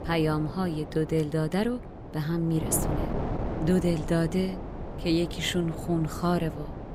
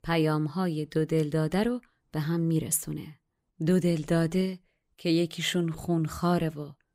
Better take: second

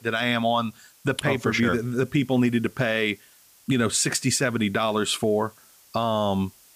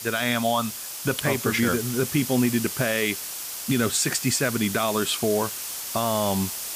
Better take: first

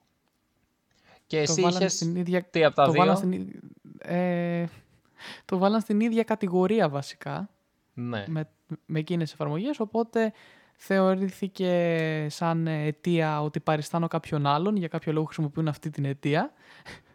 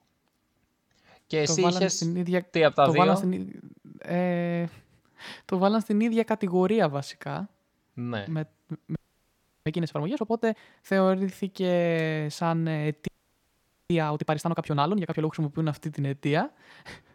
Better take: first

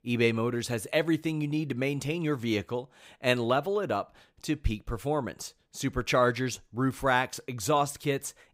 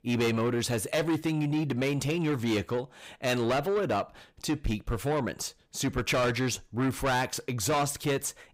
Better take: first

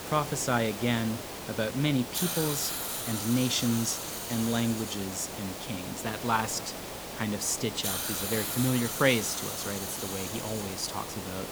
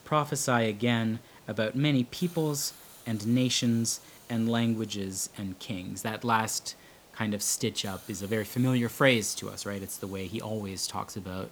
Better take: second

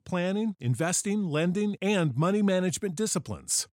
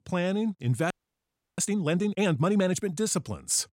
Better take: first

